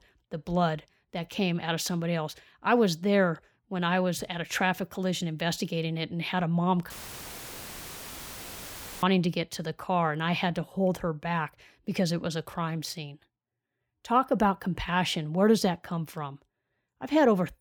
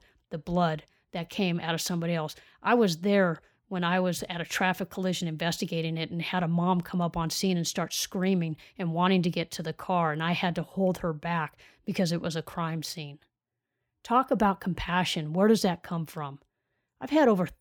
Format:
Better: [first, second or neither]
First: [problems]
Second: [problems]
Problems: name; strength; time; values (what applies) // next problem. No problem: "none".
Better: second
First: audio cutting out; filled with static; at 7 s for 2 s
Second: none